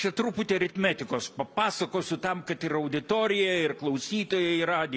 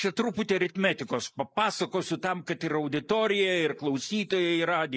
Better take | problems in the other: first | noise reduction (neural mask model Resemble Enhance denoiser)

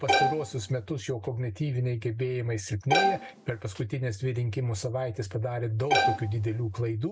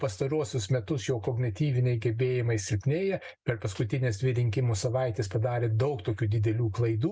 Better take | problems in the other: second | background sound (Bowed string instrument); 3 dB above the speech

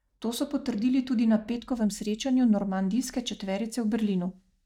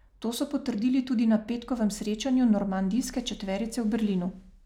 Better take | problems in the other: second | noise reduction (neural mask model DeepFilterNet 3)

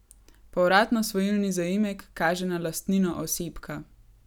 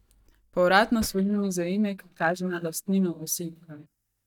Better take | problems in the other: first | noise reduction (neural mask model DeepFilterNet 3)

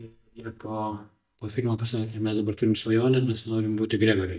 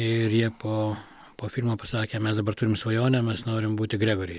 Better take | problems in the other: second | noise reduction (neural mask model DeepFilterNet 3)

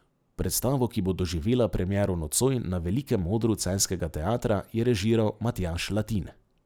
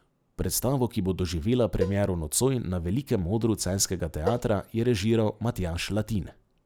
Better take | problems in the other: first | background sound (Cowbell); 11 dB below the speech

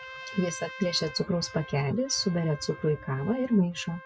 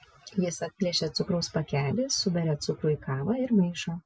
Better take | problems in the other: second | background sound (Trumpet); 16 dB below the speech

